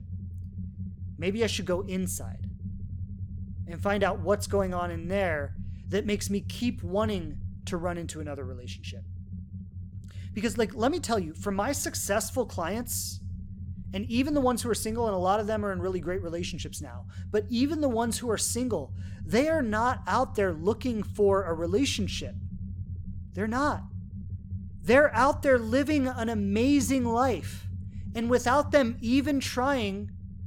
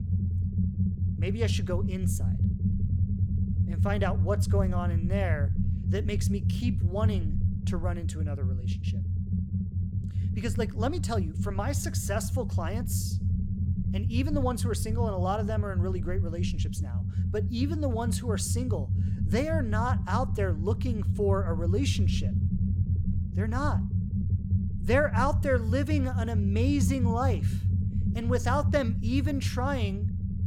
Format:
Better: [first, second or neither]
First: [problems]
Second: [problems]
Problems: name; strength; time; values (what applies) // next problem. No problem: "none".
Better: first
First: low rumble; faint; throughout; 25 dB below the speech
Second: low rumble; loud; throughout; 9 dB below the speech